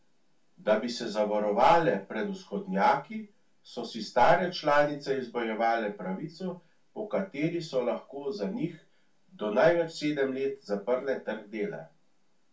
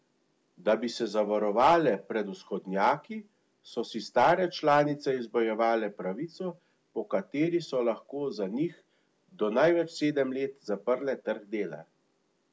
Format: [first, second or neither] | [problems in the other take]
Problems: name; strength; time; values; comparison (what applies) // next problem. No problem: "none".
second | room echo; dies away in 0.2 s